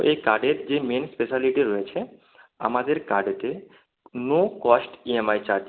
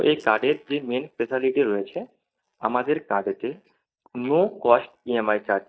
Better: first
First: none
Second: noise reduction (neural mask model DeepFilterNet 3)

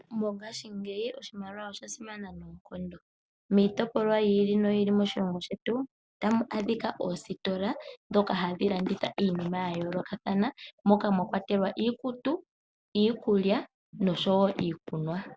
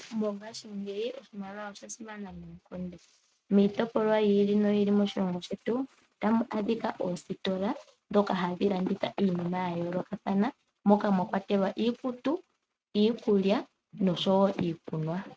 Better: first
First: none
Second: noise reduction (neural mask model RNNoise)

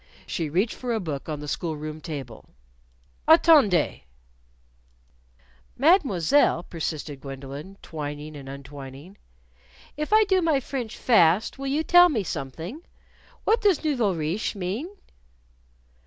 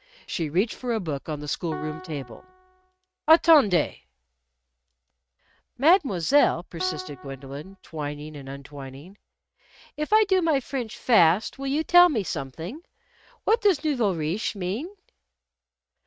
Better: first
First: none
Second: noise reduction (neural mask model RNNoise)

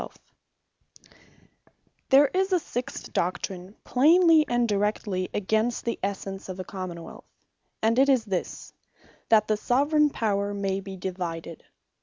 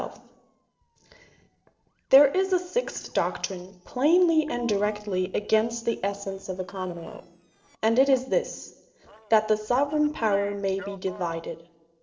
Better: first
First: none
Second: noise reduction (neural separator model SepFormer DNS4)

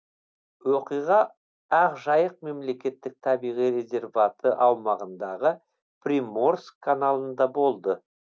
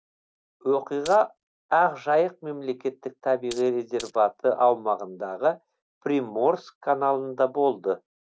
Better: first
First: none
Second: background sound (Glass); 18 dB below the speech

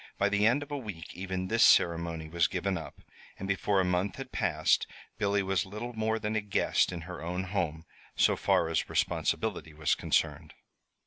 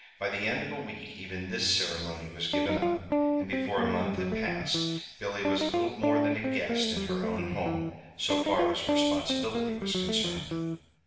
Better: first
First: none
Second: background sound (Guitar); 3 dB above the speech // room echo; dies away in 1.1 s

